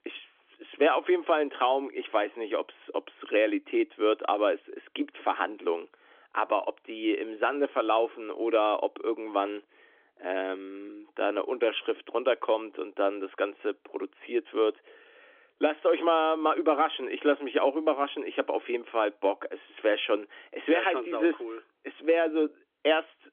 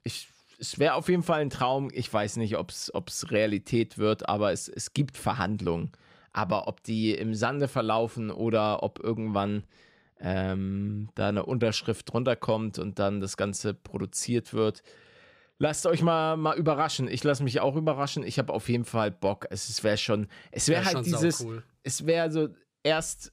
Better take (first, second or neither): second